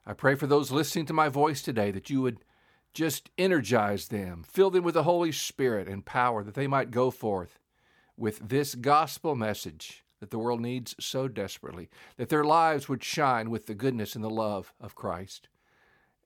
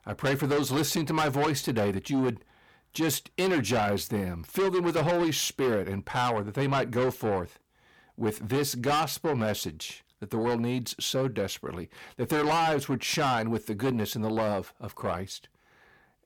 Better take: first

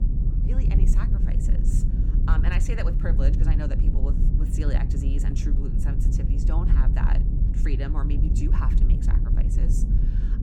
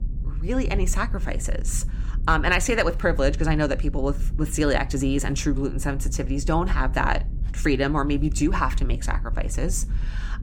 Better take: second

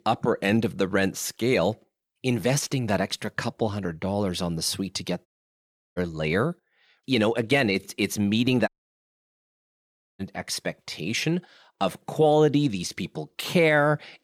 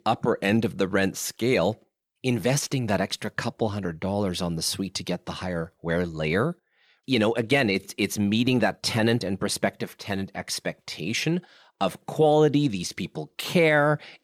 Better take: second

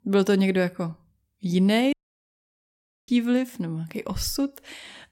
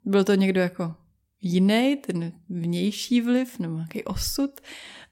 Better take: second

